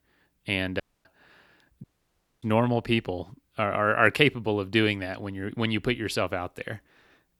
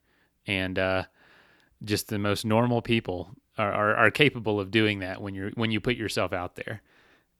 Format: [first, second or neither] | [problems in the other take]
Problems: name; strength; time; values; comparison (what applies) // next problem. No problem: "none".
second | audio cutting out; at 1 s and at 2 s for 0.5 s